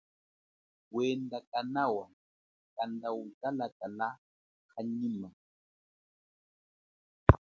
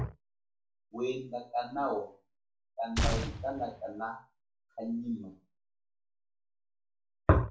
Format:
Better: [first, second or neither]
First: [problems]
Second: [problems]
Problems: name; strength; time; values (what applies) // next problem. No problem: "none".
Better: first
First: none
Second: background sound (Gunshot, gunfire); 2 dB above the speech // room echo; dies away in 0.3 s